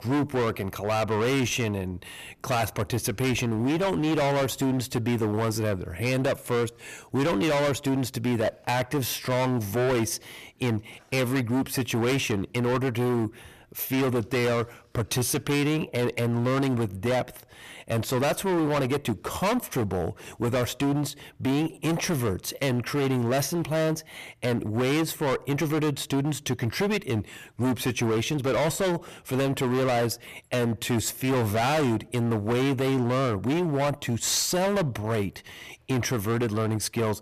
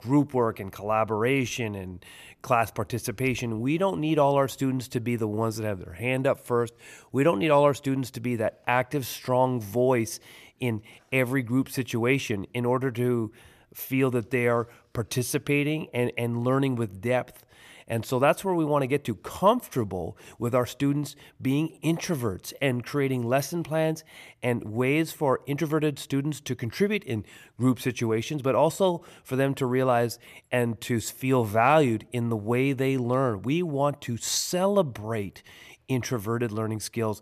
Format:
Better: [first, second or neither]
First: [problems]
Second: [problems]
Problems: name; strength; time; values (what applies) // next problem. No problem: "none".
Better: second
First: distortion; heavy; 24% of the sound clipped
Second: none